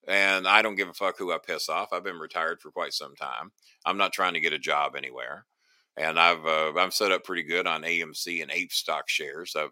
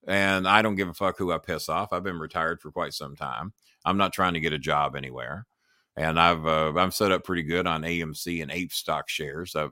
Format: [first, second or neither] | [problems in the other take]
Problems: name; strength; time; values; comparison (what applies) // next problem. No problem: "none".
second | thin; somewhat; fading below 400 Hz